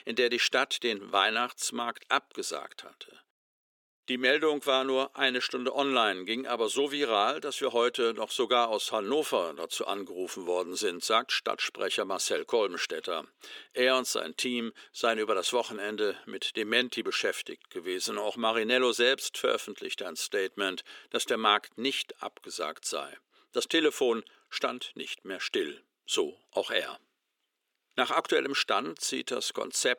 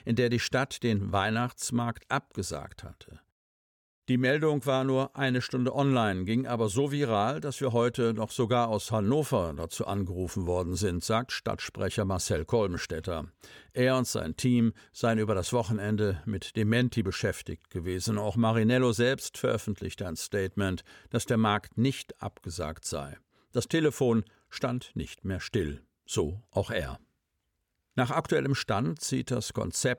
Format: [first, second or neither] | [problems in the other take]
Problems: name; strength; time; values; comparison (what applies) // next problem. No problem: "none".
second | thin; somewhat; fading below 350 Hz